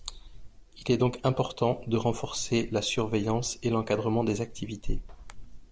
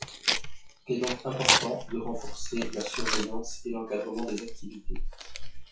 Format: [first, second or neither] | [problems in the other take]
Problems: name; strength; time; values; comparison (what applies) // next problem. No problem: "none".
first | noise reduction (classical method WPE with log-MMSE)